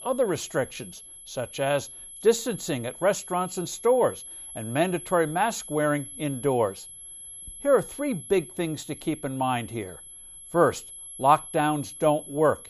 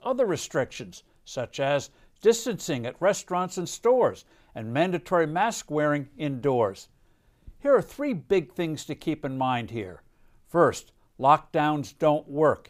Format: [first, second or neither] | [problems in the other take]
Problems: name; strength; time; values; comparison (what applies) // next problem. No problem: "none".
second | high-pitched whine; noticeable; throughout; 11 kHz, 15 dB below the speech